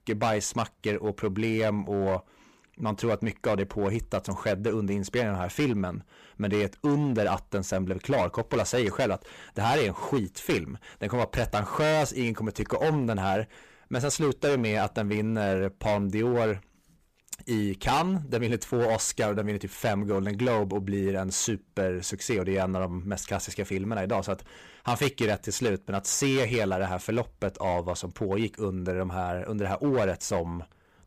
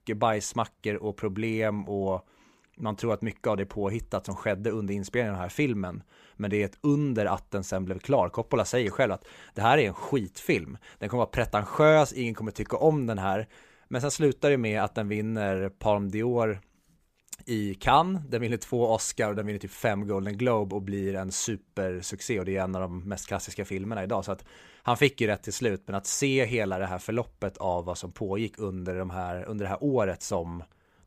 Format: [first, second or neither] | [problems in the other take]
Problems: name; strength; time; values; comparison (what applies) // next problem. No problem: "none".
second | distortion; heavy; 10% of the sound clipped